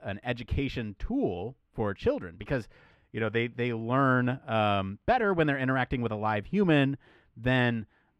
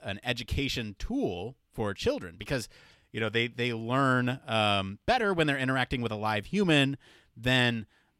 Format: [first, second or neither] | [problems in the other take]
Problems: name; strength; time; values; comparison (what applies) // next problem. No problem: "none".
second | muffled; slightly; fading above 3.5 kHz